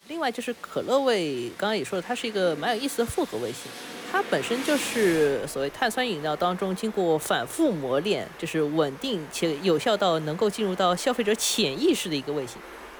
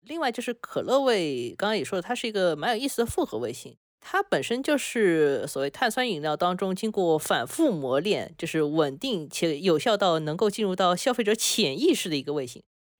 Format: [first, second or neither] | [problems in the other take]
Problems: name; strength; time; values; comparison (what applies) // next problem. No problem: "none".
second | rain or running water; noticeable; throughout; 15 dB below the speech